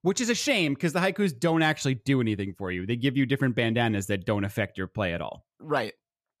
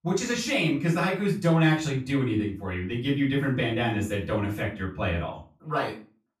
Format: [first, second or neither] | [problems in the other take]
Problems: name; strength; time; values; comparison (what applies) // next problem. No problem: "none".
first | off-mic speech; far // room echo; slight; dies away in 0.3 s